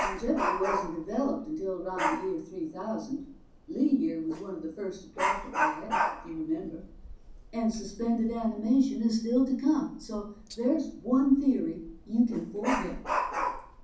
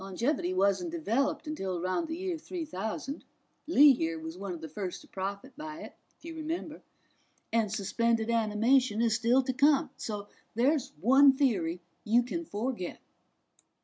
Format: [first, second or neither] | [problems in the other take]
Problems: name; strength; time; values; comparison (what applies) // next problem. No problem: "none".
second | background sound (Dog); 6 dB below the speech // room echo; dies away in 0.6 s